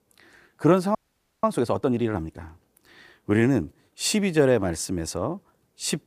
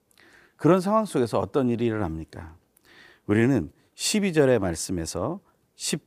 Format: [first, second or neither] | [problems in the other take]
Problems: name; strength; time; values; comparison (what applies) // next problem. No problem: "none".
second | audio freezing; at 1 s